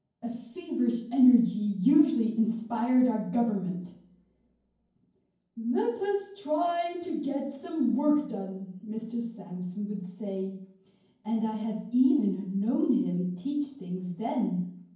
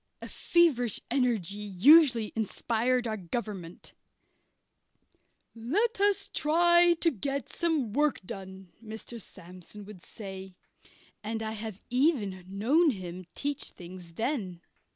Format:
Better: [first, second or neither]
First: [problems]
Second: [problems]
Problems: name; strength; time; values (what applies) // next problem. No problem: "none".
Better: second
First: room echo; dies away in 0.9 s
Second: none